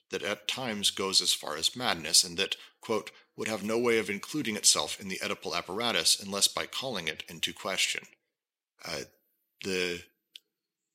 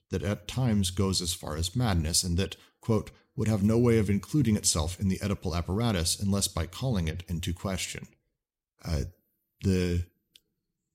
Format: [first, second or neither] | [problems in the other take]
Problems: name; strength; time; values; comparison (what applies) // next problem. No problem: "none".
second | thin; very; fading below 400 Hz